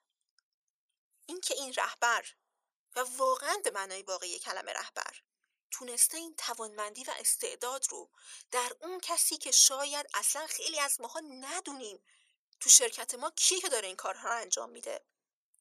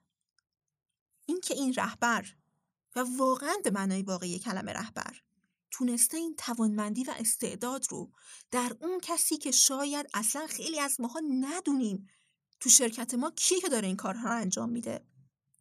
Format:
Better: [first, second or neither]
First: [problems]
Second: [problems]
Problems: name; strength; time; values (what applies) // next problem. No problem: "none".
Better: second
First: thin; very; fading below 400 Hz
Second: none